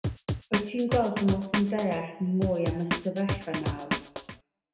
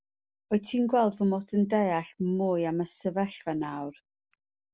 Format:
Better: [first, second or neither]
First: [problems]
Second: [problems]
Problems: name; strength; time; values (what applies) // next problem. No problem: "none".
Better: second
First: background sound (Drum); 3 dB below the speech // room echo; dies away in 0.8 s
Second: none